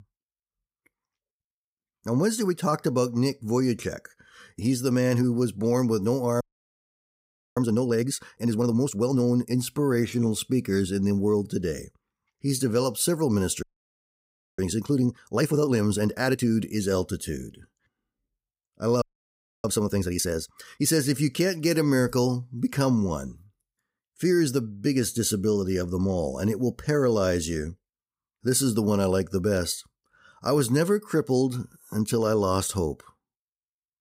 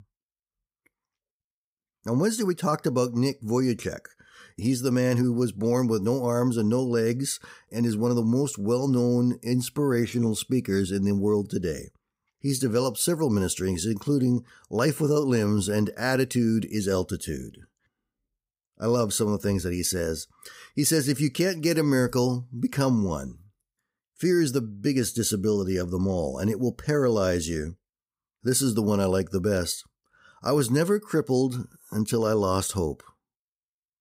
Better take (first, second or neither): second